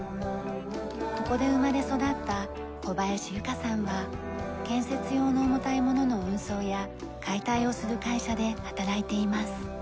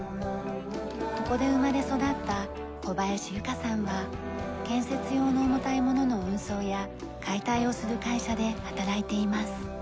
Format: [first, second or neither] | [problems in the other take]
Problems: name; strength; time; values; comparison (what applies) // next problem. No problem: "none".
first | background sound (Snare drum); 19 dB below the speech